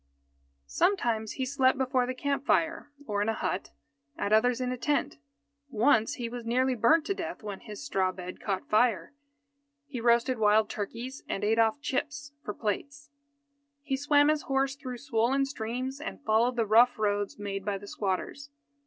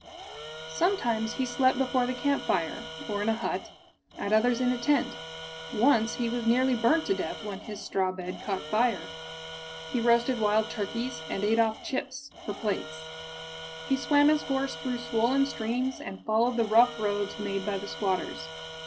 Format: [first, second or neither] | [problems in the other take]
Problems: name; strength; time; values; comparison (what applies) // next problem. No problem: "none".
first | background sound (Tools); 12 dB below the speech // room echo; dies away in 0.5 s